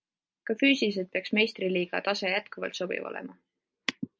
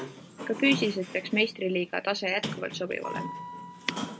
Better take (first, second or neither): first